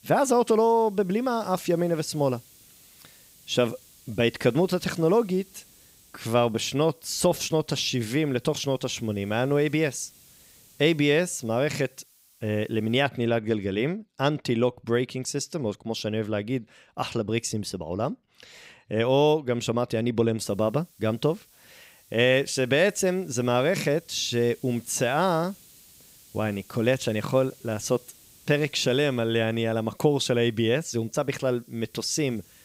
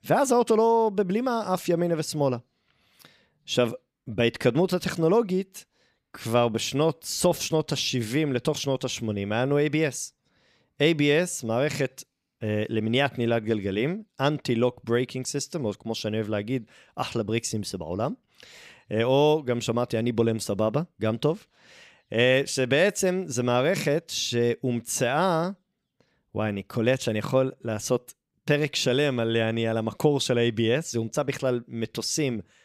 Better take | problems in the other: second | hiss; faint; until 13 s and from 20 s on; 25 dB below the speech

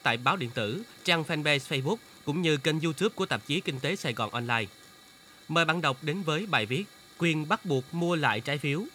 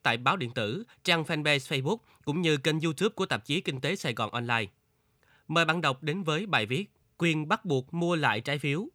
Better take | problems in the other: second | hiss; faint; throughout; 20 dB below the speech

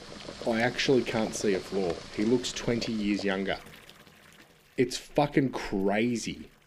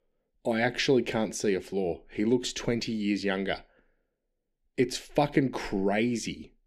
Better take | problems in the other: second | household noises; noticeable; throughout; 15 dB below the speech

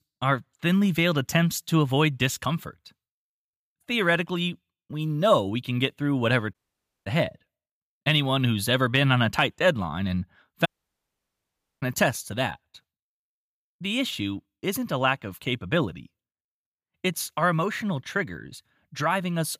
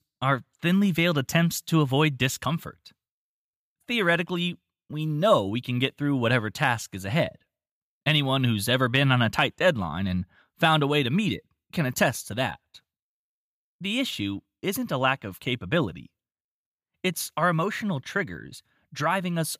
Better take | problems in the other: second | audio cutting out; at 6.5 s for 0.5 s and at 11 s for 1 s

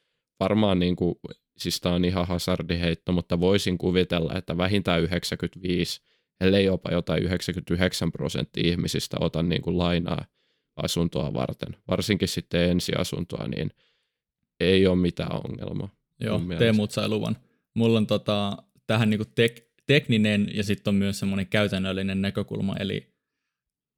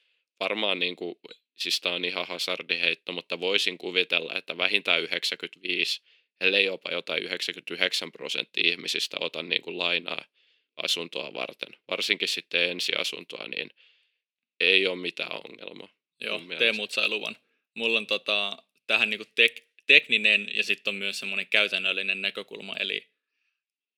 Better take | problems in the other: first | thin; somewhat; fading below 350 Hz

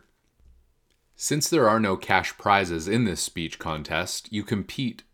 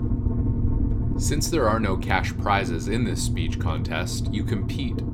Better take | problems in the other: first | low rumble; loud; throughout; 10 dB below the speech

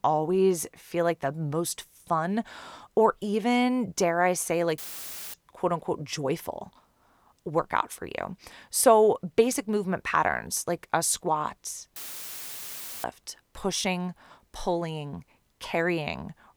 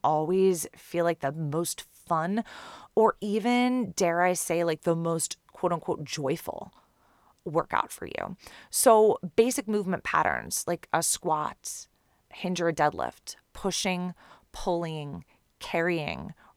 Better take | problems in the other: second | audio cutting out; filled with static; at 5 s for 0.5 s and at 12 s for 1 s

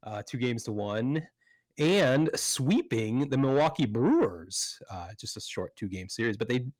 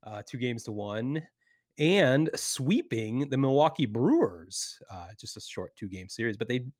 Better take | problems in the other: second | distortion; slight; 10 dB below the speech

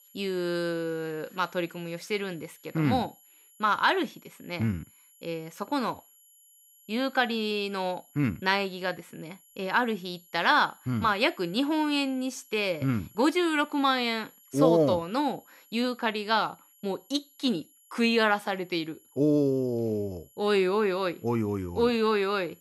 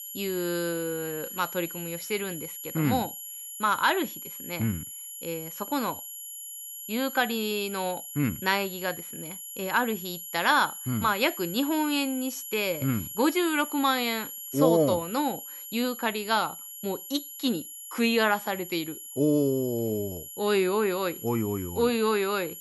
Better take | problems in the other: first | high-pitched whine; loud; throughout; 11.5 kHz, 9 dB below the speech; faint in the first

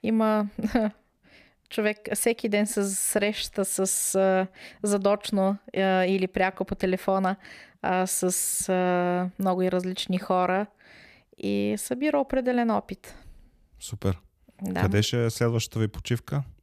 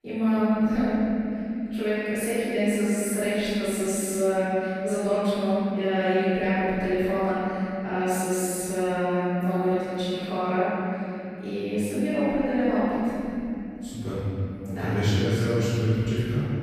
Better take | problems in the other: first | off-mic speech; far // room echo; strong; dies away in 3 s

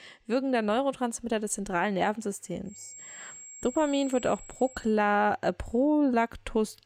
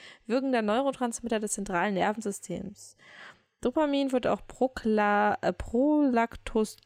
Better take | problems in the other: second | high-pitched whine; noticeable; from 2.5 to 5 s; 7.5 kHz, 15 dB below the speech

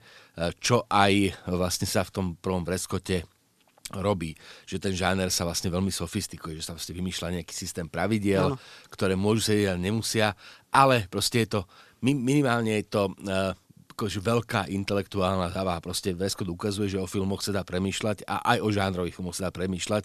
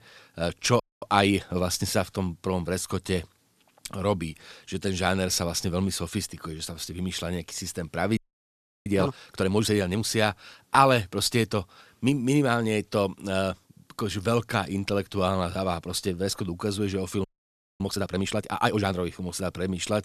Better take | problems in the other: first | audio freezing; at 1 s, at 8 s for 0.5 s and at 17 s for 0.5 s

